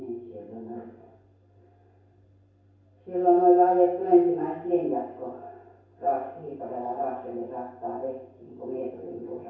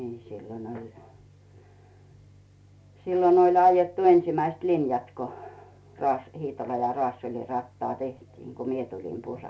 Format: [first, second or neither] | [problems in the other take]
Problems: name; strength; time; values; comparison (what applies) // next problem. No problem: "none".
second | room echo; dies away in 0.7 s